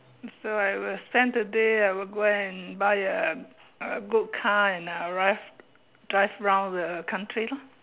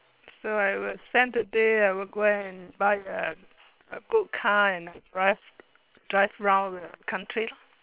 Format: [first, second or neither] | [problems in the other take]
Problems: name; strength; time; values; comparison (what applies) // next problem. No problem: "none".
first | noise reduction (neural separator model SepFormer WHAM!)